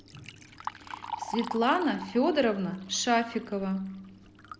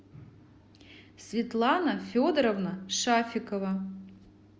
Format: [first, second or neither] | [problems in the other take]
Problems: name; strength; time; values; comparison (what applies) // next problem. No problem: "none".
second | background sound (Liquid); 12 dB below the speech